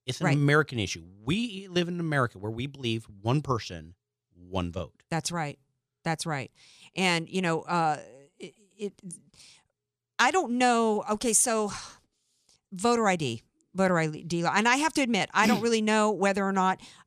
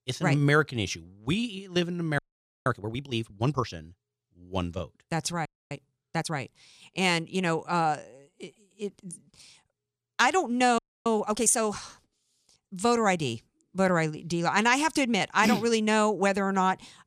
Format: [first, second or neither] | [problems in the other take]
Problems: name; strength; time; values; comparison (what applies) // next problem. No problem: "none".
first | audio freezing; at 2 s, at 5.5 s and at 11 s